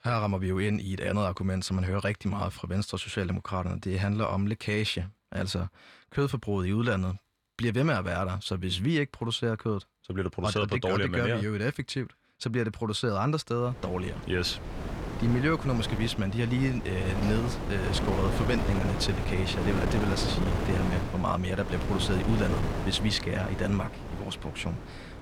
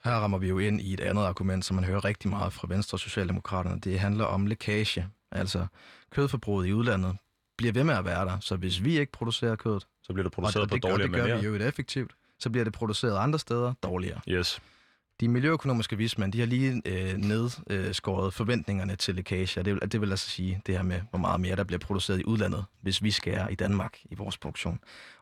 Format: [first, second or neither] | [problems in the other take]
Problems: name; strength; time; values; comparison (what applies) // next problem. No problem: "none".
second | wind noise on the microphone; heavy; from 14 s on; 5 dB below the speech